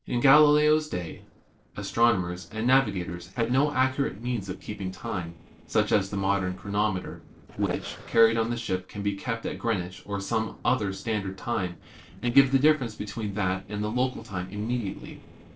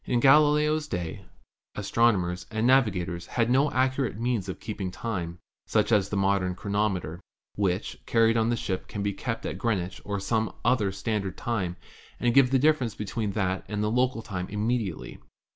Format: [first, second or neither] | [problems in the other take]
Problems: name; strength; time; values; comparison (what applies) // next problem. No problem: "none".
second | noise reduction (neural separator model SepFormer DNS4)